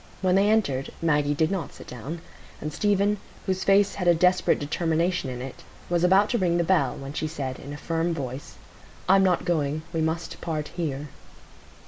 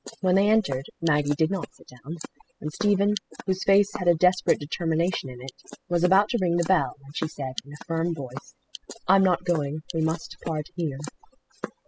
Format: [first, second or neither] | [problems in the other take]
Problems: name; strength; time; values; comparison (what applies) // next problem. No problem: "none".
first | noise reduction (classical method spectral subtraction)